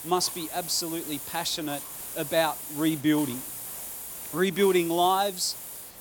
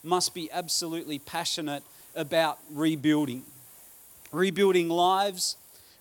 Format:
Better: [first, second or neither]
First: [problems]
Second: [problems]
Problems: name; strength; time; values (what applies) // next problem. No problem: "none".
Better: second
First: hiss; loud; throughout; 9 dB below the speech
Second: hiss; faint; throughout; 20 dB below the speech